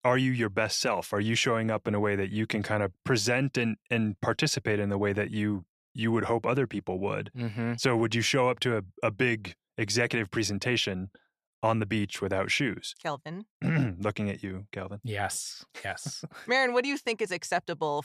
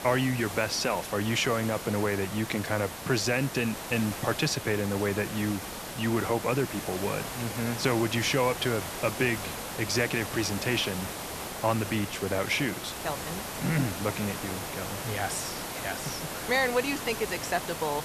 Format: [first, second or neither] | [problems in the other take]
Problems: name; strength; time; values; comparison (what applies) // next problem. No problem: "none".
first | hiss; loud; throughout; 6 dB below the speech